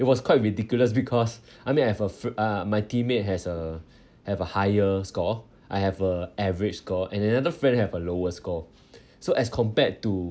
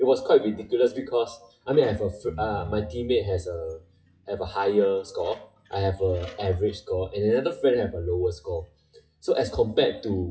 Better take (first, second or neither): first